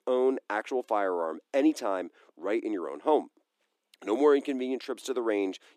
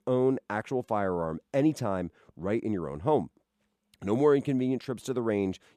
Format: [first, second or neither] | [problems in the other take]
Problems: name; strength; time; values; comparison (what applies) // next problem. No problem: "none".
second | thin; very slightly; fading below 300 Hz